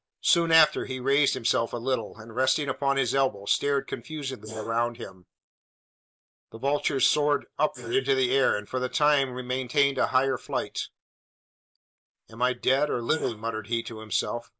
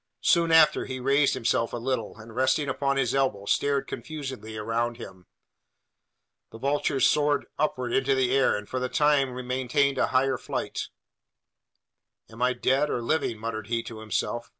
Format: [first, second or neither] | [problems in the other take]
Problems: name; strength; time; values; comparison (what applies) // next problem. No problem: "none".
second | noise reduction (neural mask model Resemble Enhance denoiser)